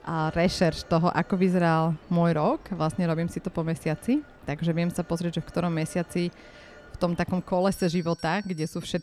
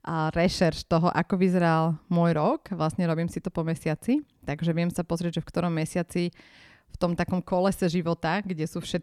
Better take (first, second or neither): second